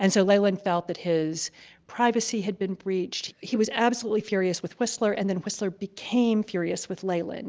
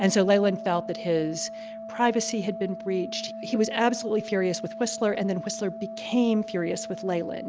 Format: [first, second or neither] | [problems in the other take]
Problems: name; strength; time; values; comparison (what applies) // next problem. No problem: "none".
first | background sound (Organ); 11 dB below the speech